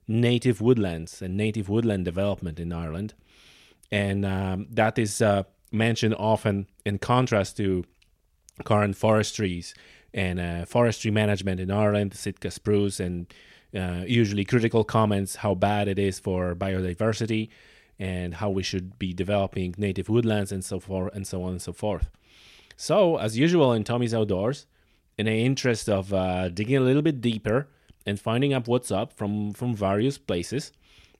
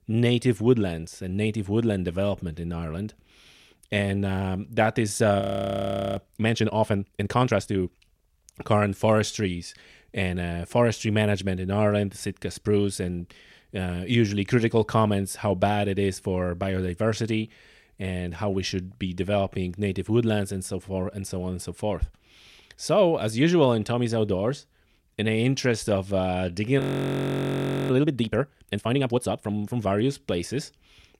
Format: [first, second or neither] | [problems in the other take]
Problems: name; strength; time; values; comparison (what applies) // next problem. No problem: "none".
first | audio freezing; at 5.5 s for 1 s and at 27 s for 1 s